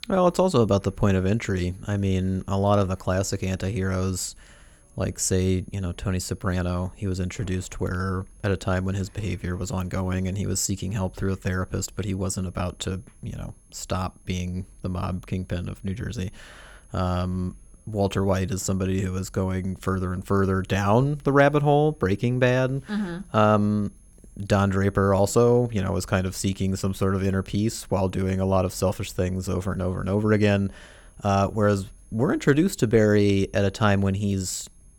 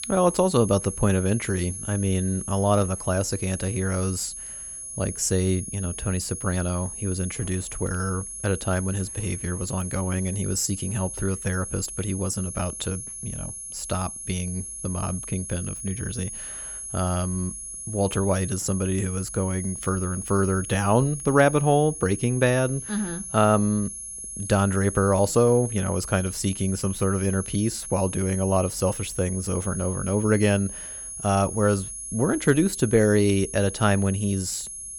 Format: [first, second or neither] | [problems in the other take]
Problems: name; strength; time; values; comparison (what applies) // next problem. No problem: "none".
first | high-pitched whine; loud; throughout; 10.5 kHz, 8 dB below the speech; faint in the first